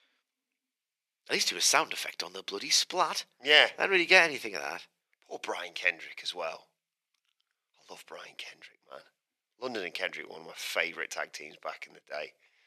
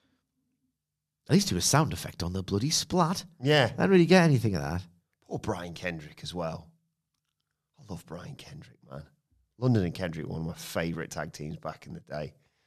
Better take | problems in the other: second | thin; very; fading below 450 Hz

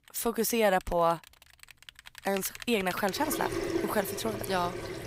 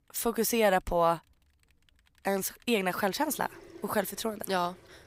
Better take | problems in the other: second | household noises; loud; throughout; 7 dB below the speech; faint in the second

